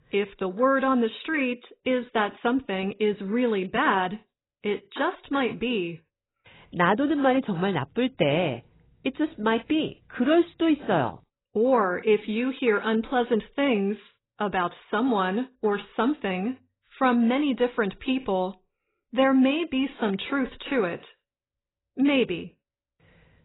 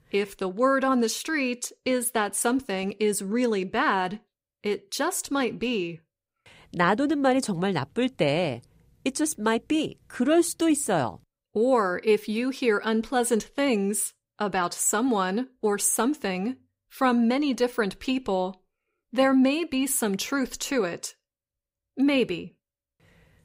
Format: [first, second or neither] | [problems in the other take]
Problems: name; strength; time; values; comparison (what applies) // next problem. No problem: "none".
second | garbled, watery; badly; nothing above 4 kHz